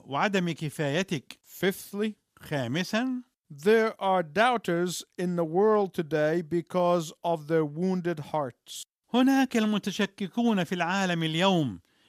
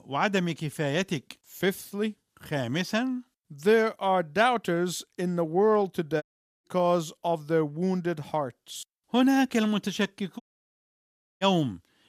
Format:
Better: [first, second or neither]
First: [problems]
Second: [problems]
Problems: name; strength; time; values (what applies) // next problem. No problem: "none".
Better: first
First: none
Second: audio cutting out; at 6 s and at 10 s for 1 s